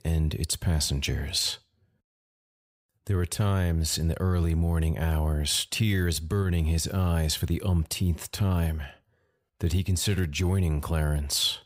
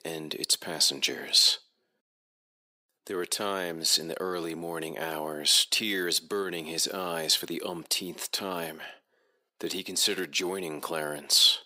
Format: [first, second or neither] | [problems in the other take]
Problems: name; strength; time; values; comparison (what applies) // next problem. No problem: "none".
first | thin; very; fading below 300 Hz